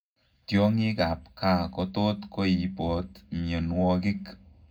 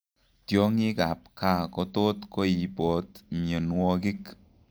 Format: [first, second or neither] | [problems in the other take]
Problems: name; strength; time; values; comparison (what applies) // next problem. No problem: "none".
second | room echo; dies away in 0.3 s